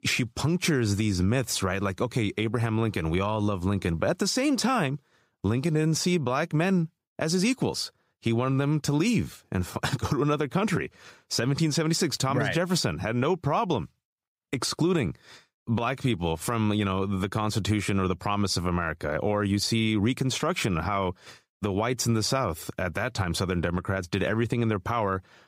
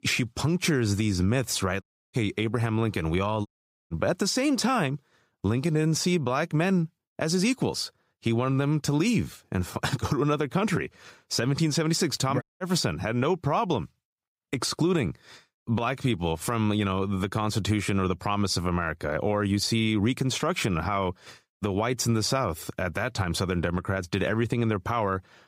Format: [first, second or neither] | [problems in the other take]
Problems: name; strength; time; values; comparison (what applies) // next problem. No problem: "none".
first | audio cutting out; at 2 s, at 3.5 s and at 12 s